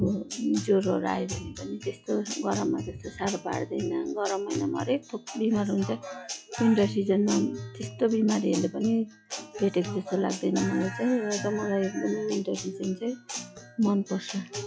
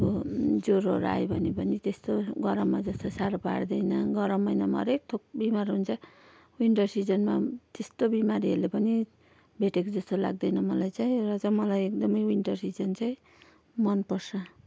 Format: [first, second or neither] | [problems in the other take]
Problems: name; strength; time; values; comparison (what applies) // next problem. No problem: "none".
second | noise reduction (classical method log-MMSE)